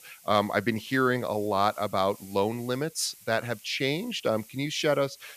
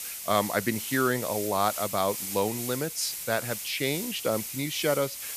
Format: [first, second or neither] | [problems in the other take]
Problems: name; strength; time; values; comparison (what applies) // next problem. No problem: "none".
first | hiss; loud; throughout; 5 dB below the speech; faint in the first